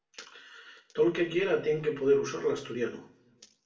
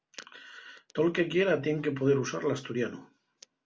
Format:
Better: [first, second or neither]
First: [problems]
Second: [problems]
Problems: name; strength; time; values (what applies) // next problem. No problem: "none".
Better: second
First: room echo; dies away in 0.5 s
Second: none